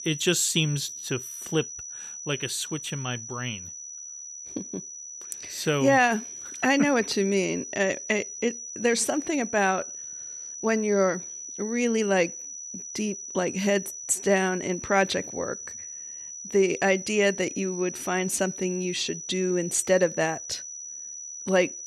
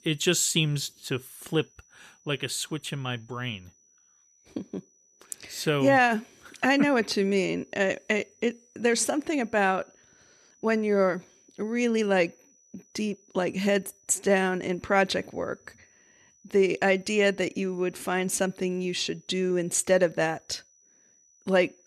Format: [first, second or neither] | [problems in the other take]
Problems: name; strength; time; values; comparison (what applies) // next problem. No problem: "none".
second | high-pitched whine; loud; throughout; 6 kHz, 10 dB below the speech; faint in the second